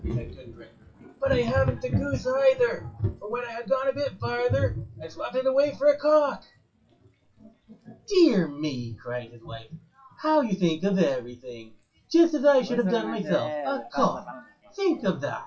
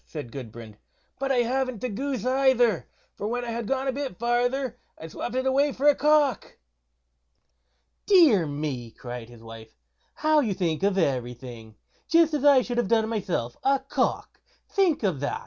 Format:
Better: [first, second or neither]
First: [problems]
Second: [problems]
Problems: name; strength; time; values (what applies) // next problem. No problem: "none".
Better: second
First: noise reduction (classical method WPE with log-MMSE)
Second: none